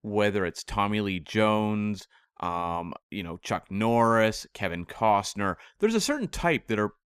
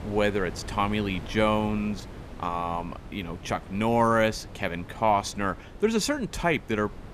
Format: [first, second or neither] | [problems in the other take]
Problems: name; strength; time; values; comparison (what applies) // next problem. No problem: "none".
first | wind noise on the microphone; occasional gusts; 20 dB below the speech